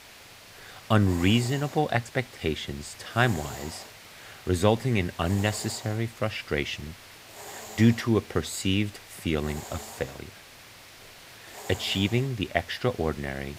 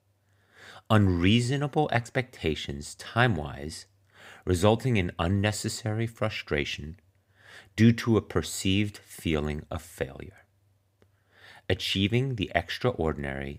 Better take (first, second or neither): second